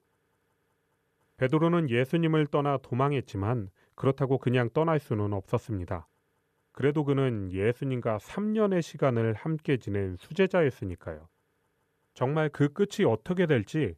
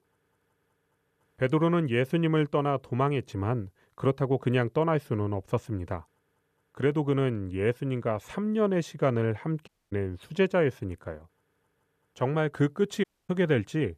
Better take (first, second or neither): first